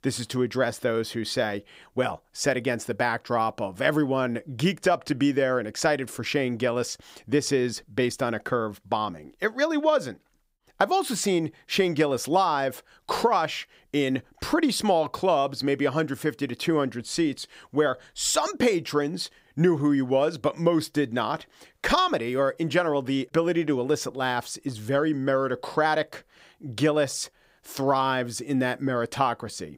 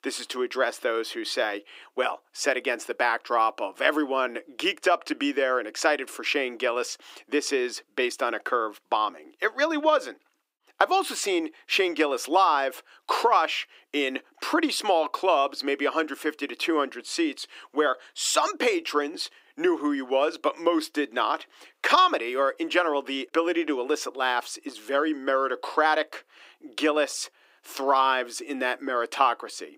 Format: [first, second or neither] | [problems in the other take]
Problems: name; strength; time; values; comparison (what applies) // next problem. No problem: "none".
first | thin; somewhat; fading below 300 Hz